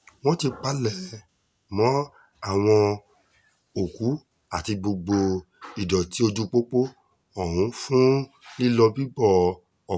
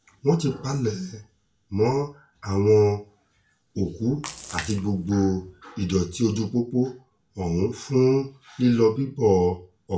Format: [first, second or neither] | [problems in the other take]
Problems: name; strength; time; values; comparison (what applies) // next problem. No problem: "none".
first | background sound (Splash, splatter); 15 dB below the speech // room echo; dies away in 0.3 s